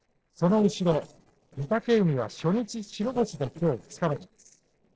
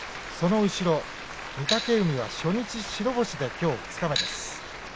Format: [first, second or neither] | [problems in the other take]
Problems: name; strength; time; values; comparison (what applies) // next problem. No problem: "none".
second | noise reduction (neural separator model SepFormer DNS4)